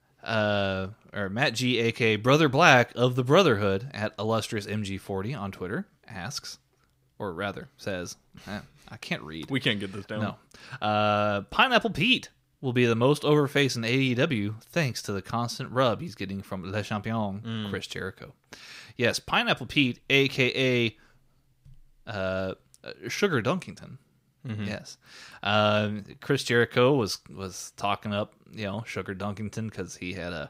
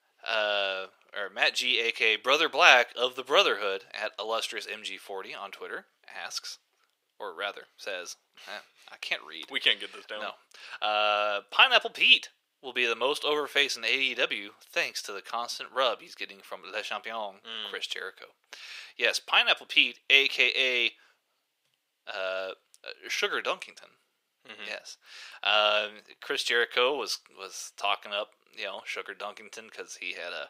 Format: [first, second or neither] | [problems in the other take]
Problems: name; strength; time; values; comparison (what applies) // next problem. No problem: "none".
first | thin; very; fading below 500 Hz